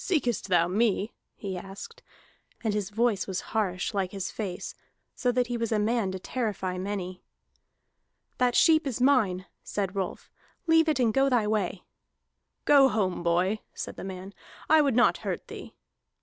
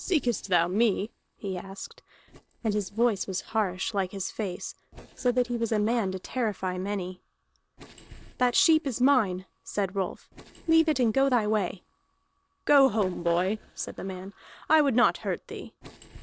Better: first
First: none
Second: noise reduction (neural separator model SepFormer DNS4)

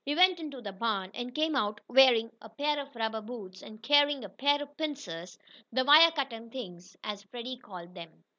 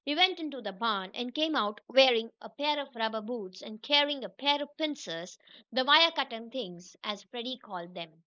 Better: first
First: none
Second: noise reduction (neural mask model Resemble Enhance denoiser)

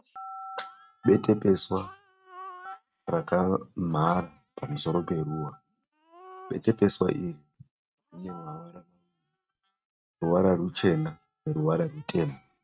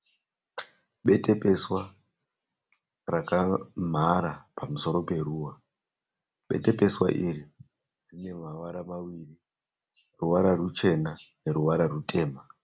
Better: second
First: noise reduction (neural mask model RNNoise)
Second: none

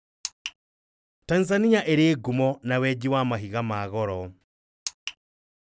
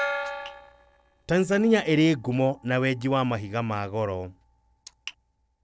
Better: first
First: none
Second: noise reduction (neural separator model SepFormer DNS4)

